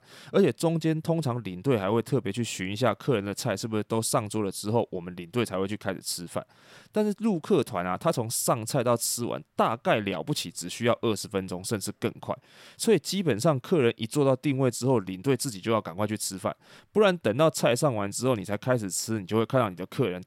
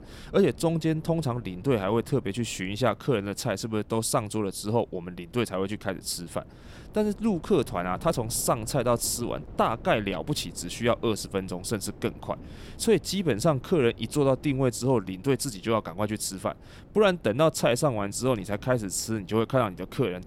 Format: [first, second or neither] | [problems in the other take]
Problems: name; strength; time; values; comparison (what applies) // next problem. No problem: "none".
first | wind noise on the microphone; occasional gusts; 25 dB below the speech